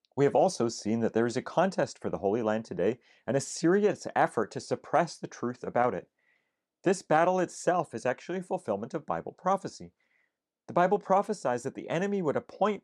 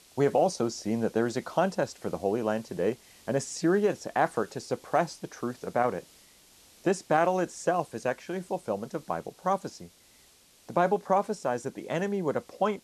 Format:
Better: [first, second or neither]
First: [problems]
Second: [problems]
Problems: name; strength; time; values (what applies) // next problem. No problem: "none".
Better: first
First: none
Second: hiss; faint; throughout; 25 dB below the speech